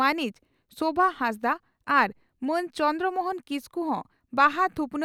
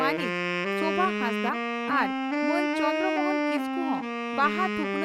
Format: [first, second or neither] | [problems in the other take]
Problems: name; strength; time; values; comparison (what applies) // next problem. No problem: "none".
first | background sound (Wind instrument, woodwind instrument); 3 dB above the speech